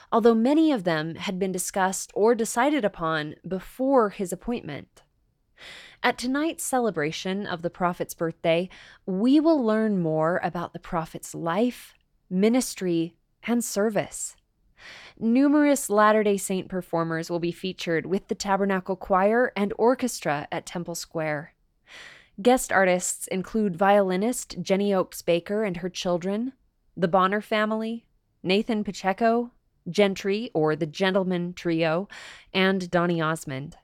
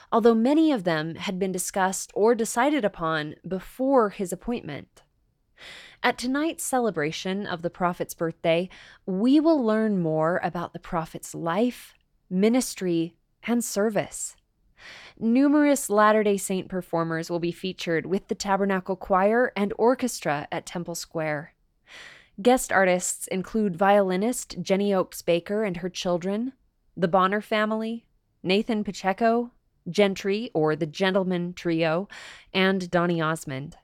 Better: neither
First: none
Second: none

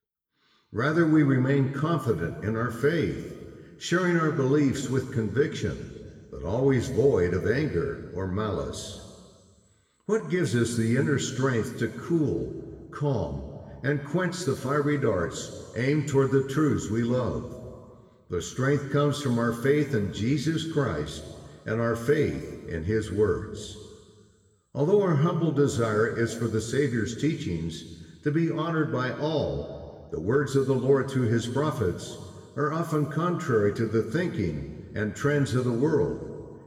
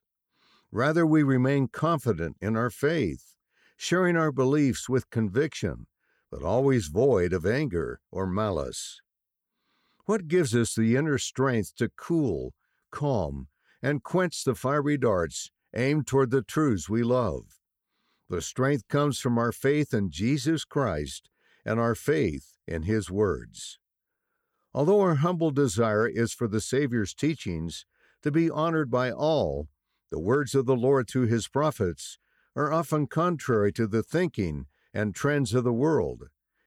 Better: second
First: room echo; noticeable; dies away in 1.6 s // off-mic speech; somewhat distant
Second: none

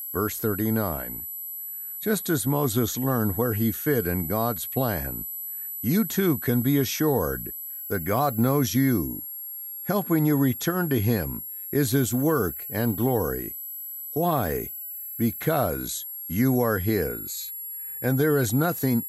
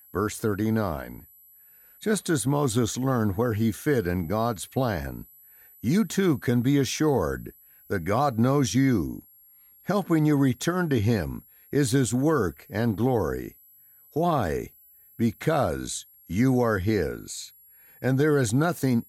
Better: second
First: high-pitched whine; loud; throughout; 12 kHz, 7 dB below the speech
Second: high-pitched whine; faint; throughout; 12 kHz, 25 dB below the speech

